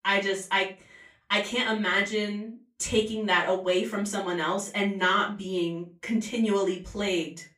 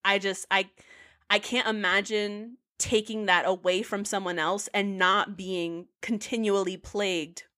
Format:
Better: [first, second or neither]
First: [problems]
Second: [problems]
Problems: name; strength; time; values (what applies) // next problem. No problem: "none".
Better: second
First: off-mic speech; far // room echo; very slight; dies away in 0.3 s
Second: none